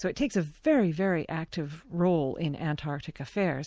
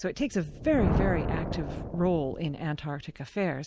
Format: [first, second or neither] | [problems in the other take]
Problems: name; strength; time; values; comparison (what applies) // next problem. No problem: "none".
first | background sound (Thunder); 3 dB below the speech